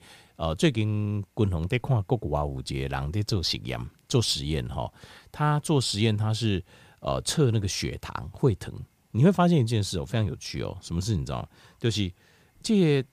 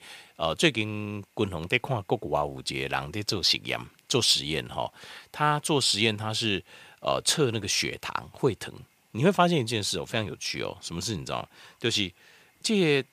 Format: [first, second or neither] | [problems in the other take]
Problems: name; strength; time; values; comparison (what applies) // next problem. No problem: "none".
first | thin; somewhat; fading below 950 Hz